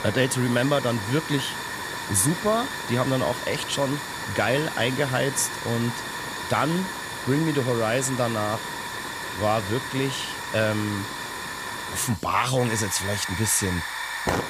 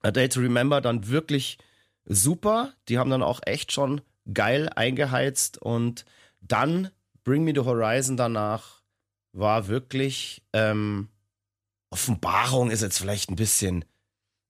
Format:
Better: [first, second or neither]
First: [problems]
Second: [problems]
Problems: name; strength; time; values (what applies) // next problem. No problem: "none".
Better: second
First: hiss; loud; throughout; 6 dB below the speech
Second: none